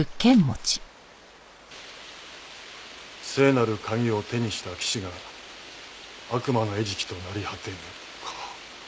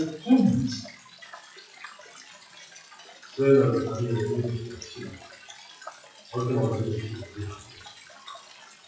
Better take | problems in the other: first | noise reduction (classical method WPE with log-MMSE)

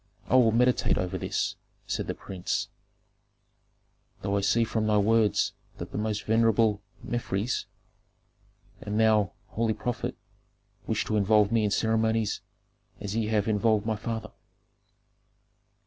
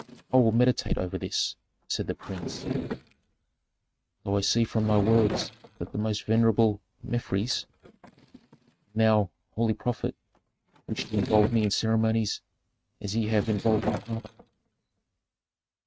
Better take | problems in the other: first | noise reduction (neural mask model RNNoise)

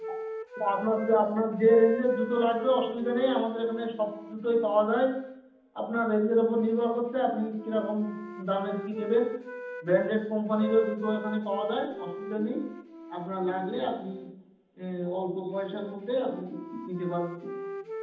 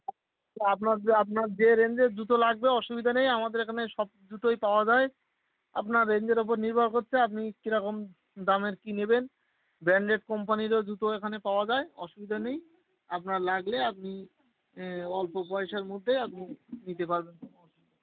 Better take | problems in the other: second | background sound (Wind instrument, woodwind instrument); 12 dB below the speech // room echo; dies away in 0.8 s

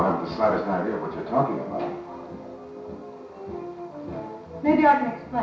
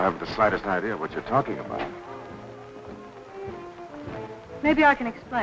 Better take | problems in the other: second | room echo; dies away in 0.6 s

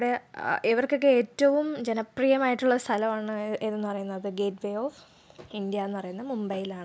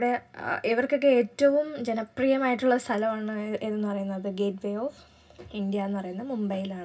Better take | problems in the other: first | room echo; dies away in 0.4 s

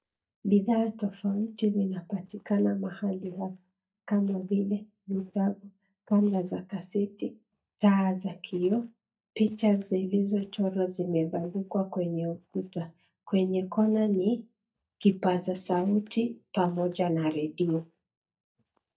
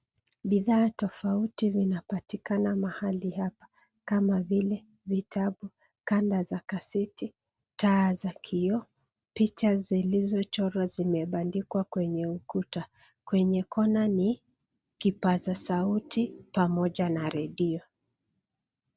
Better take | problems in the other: second | noise reduction (neural mask model DeepFilterNet 3)

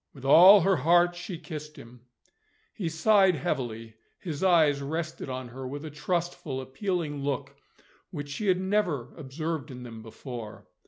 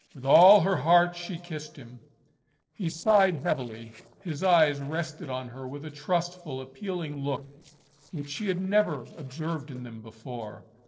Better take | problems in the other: first | noise reduction (neural separator model SepFormer DNS4)

